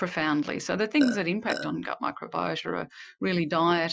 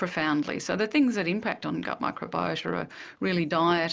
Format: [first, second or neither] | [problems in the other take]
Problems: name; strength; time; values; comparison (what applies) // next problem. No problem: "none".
second | noise reduction (classical method Wiener filter)